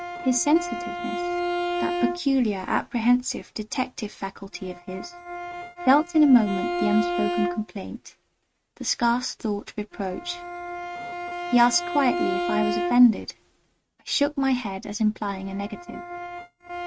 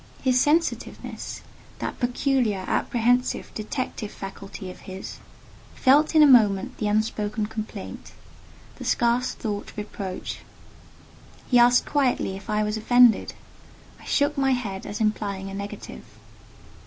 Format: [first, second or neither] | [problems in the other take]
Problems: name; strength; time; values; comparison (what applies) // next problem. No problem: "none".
second | noise reduction (neural mask model RNNoise)